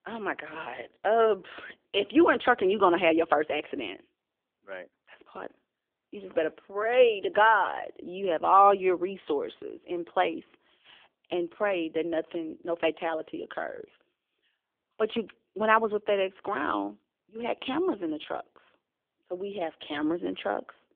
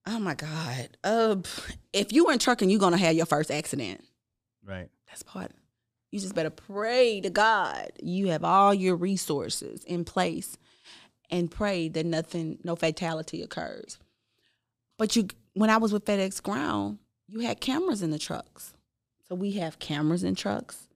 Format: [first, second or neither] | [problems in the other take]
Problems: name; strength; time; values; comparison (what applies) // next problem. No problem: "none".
second | phone-call audio; poor line